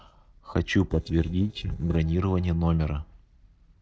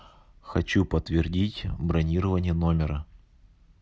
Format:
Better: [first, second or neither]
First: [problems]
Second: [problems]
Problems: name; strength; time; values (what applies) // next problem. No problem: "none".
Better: second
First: noise reduction (neural separator model SepFormer DNS4)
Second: none